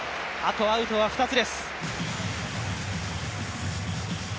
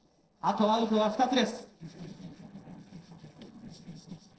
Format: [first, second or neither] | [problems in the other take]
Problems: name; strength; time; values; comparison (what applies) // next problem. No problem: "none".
first | noise reduction (neural separator model SepFormer DNS4)